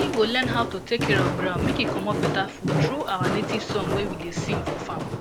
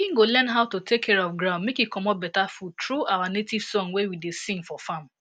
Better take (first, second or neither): second